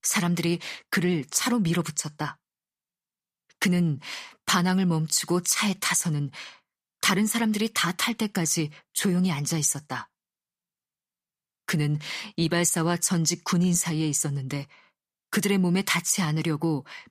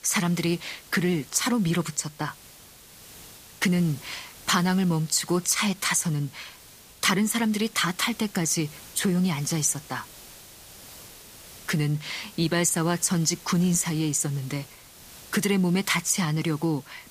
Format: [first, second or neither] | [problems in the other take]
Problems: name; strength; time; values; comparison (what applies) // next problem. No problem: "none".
first | hiss; noticeable; throughout; 20 dB below the speech